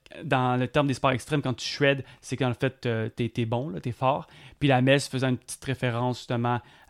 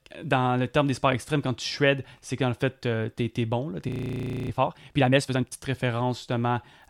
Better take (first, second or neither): first